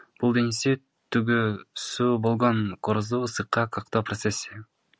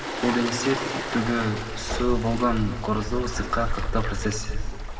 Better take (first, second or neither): first